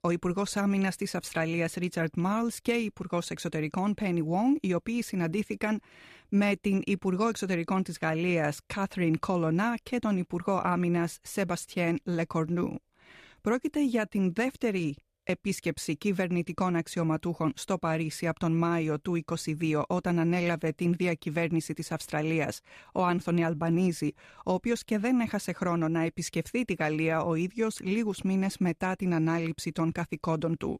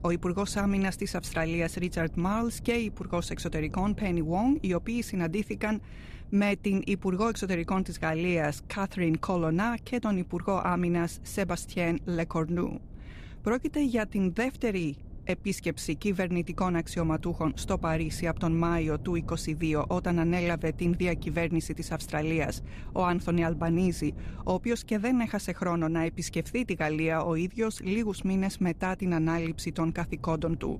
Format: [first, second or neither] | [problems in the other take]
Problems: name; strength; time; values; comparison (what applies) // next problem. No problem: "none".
first | wind noise on the microphone; occasional gusts; 25 dB below the speech